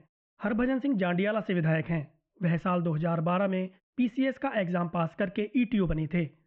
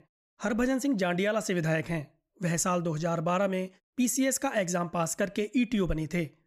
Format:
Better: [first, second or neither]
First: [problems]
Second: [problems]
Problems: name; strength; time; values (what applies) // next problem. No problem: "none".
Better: second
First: muffled; very; fading above 3 kHz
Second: none